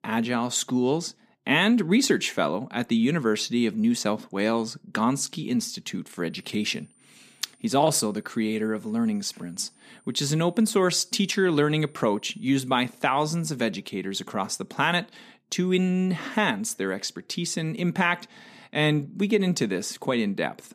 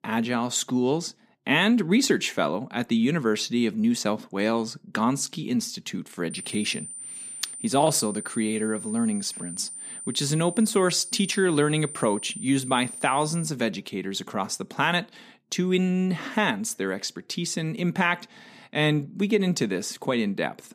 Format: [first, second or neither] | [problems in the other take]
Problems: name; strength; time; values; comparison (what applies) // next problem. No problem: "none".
first | high-pitched whine; loud; from 6.5 to 13 s; 9 kHz, 10 dB below the speech; faint in the first